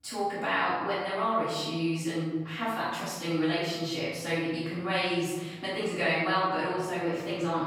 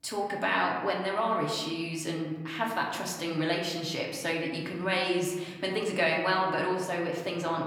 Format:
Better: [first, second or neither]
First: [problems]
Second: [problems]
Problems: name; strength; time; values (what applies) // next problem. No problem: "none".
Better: second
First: room echo; strong; dies away in 1.2 s // off-mic speech; far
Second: room echo; slight; dies away in 1.1 s // off-mic speech; somewhat distant